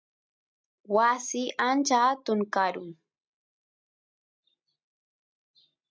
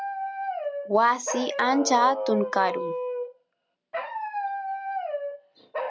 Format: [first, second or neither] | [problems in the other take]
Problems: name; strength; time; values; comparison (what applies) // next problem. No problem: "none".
first | background sound (Dog); 4 dB below the speech